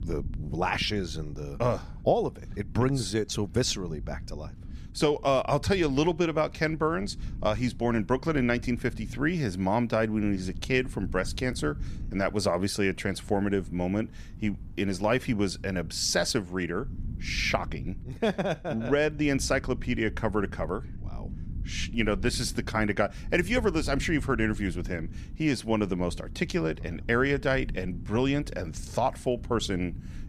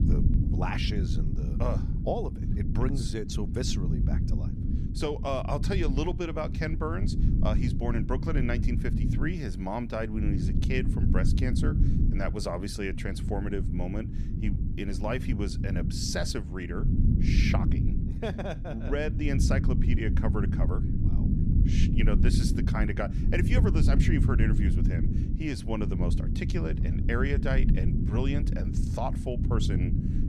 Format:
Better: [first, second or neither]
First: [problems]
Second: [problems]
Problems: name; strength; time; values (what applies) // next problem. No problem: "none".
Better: first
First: low rumble; faint; throughout; 25 dB below the speech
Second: low rumble; loud; throughout; 5 dB below the speech